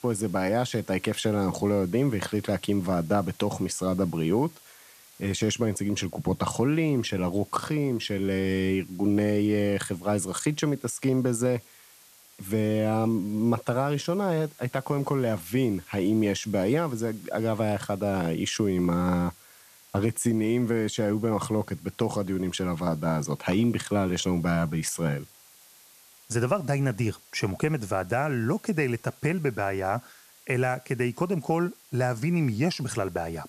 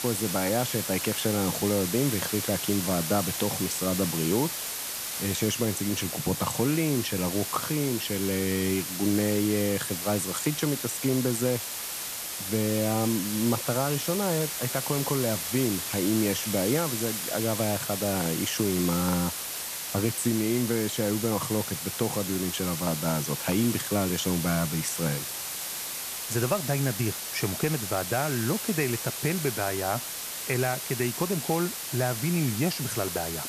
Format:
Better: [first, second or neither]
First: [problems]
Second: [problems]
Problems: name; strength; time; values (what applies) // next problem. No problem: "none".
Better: first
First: hiss; faint; throughout; 25 dB below the speech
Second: hiss; loud; throughout; 3 dB below the speech